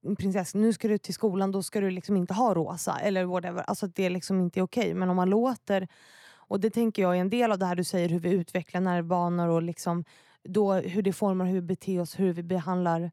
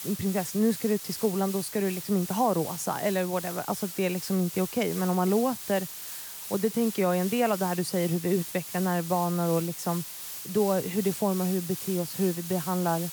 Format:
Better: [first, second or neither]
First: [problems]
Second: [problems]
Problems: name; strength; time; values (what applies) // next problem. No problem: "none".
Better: first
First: none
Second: hiss; loud; throughout; 8 dB below the speech